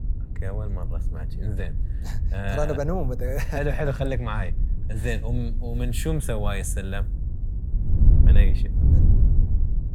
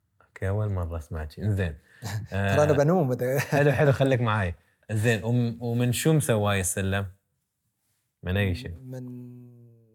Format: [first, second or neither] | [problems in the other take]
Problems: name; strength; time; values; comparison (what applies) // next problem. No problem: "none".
second | wind noise on the microphone; occasional gusts; 10 dB below the speech